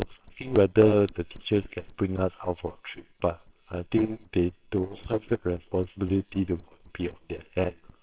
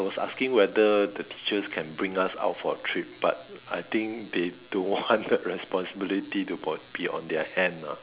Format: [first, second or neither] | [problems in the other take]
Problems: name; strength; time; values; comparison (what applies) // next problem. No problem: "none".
second | noise reduction (neural separator model SepFormer WHAMR!)